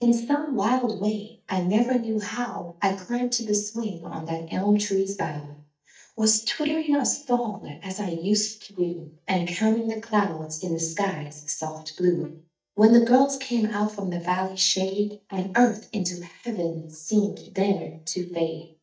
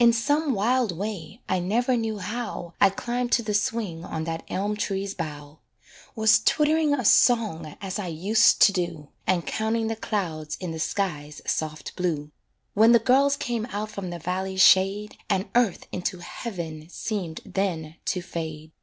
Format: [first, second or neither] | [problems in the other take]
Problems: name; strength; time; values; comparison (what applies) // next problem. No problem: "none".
second | noise reduction (neural mask model DeepFilterNet 3)